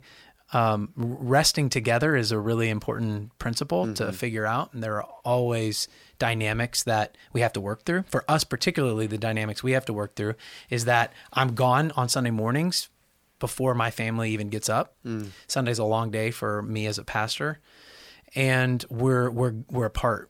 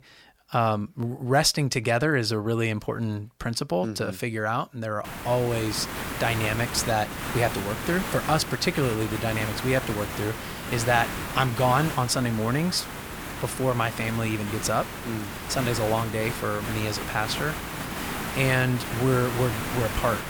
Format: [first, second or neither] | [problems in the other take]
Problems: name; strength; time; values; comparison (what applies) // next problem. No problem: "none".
first | hiss; loud; from 5 s on; 6 dB below the speech